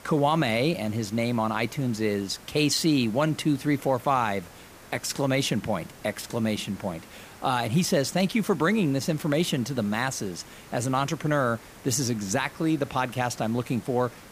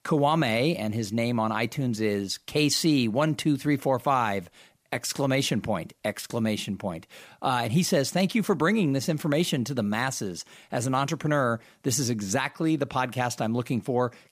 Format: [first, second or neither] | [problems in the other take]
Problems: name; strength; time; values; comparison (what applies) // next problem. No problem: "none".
second | hiss; faint; throughout; 20 dB below the speech